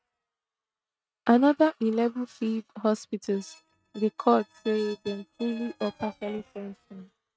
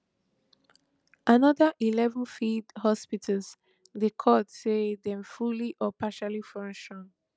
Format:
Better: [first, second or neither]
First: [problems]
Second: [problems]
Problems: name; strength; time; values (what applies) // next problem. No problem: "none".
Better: second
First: noise reduction (neural mask model RNNoise)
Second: none